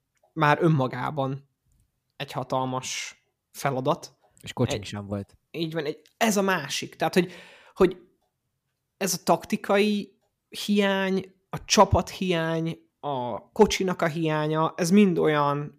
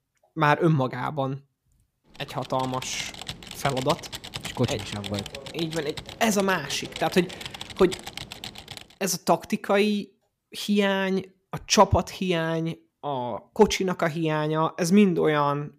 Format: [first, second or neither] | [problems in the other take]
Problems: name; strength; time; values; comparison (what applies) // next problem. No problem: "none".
first | keyboard typing; noticeable; from 2 to 9 s; peak 8 dB below the speech